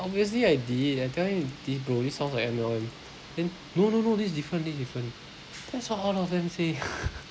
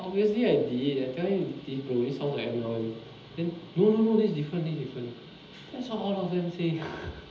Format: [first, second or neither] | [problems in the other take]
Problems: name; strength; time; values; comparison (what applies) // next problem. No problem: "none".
first | room echo; dies away in 1.2 s